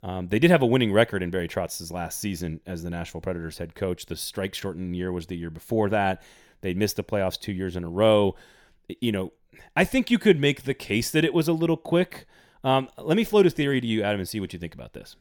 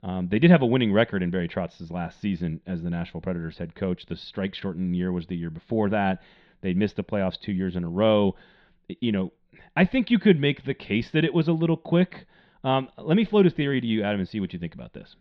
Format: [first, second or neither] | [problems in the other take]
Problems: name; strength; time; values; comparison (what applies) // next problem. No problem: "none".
first | muffled; slightly; fading above 4 kHz